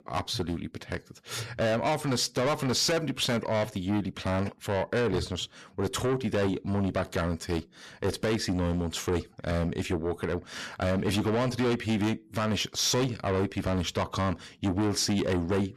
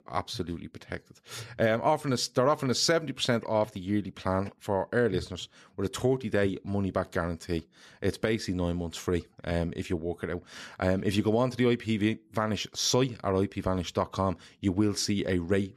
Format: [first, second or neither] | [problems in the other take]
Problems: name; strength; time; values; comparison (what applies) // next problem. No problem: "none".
second | distortion; heavy; 6 dB below the speech